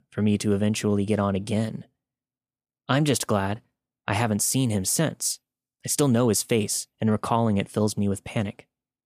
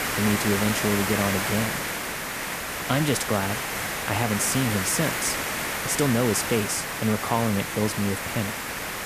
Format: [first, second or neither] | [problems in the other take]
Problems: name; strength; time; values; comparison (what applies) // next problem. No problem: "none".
first | hiss; loud; throughout; 1 dB below the speech